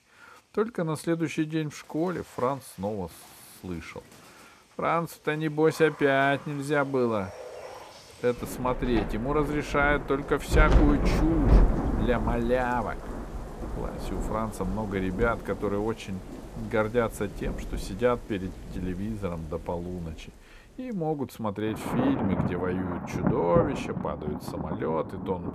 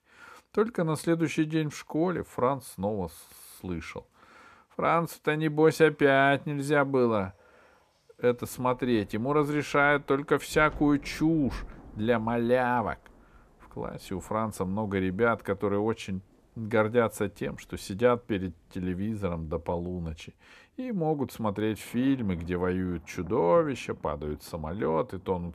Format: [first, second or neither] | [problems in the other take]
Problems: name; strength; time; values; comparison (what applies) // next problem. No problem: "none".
second | rain or running water; loud; throughout; 3 dB below the speech; faint in the second